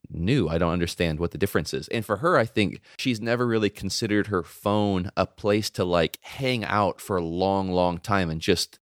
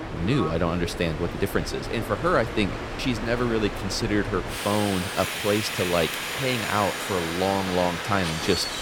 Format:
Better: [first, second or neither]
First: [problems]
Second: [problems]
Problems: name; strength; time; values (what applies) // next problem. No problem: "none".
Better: first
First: none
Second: train or aircraft noise; loud; throughout; 4 dB below the speech